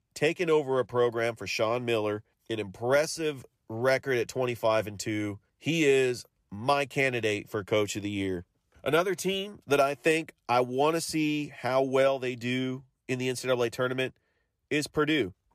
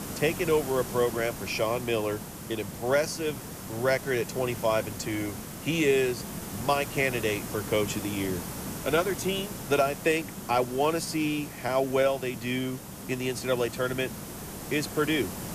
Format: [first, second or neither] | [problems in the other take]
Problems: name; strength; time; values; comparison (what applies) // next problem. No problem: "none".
first | hiss; loud; throughout; 9 dB below the speech